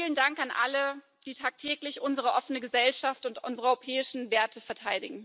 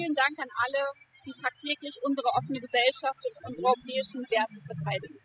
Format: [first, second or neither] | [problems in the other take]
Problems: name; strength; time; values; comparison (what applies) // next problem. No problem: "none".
first | noise reduction (classical method spectral subtraction)